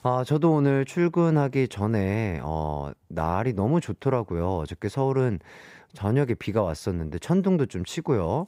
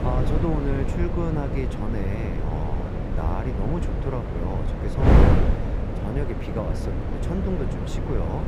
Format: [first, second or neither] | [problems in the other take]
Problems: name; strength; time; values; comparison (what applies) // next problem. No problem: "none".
first | wind noise on the microphone; heavy; 2 dB above the speech